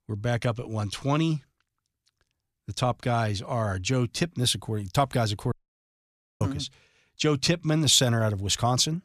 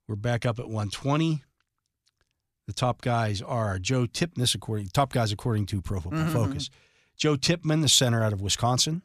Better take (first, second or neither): second